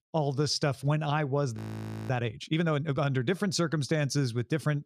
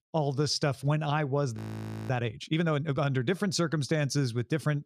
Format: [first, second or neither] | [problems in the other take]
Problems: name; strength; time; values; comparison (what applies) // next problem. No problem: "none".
neither | audio freezing; at 1.5 s for 0.5 s; the same in both